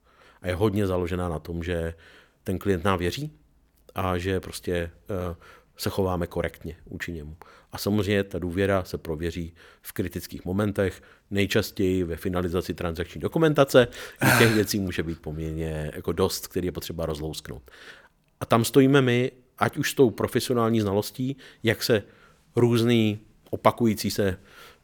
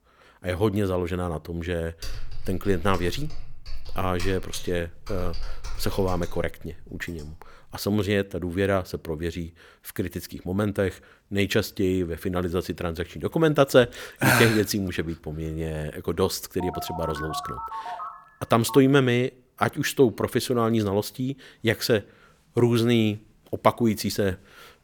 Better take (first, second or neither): first